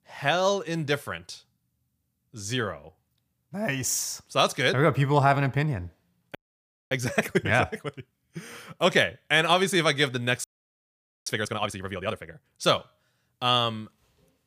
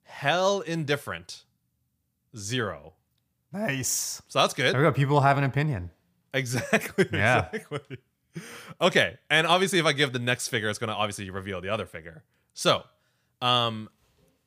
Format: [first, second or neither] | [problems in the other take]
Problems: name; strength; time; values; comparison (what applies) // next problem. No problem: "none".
second | audio freezing; at 6.5 s for 0.5 s and at 10 s for 1 s